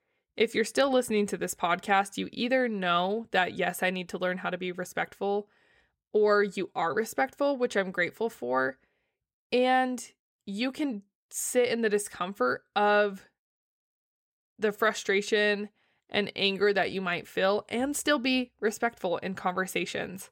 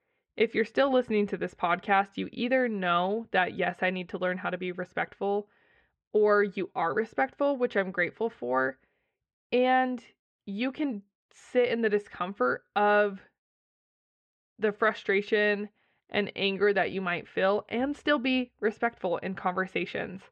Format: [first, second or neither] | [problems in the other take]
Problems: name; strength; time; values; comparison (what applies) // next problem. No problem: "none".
first | muffled; slightly; fading above 3 kHz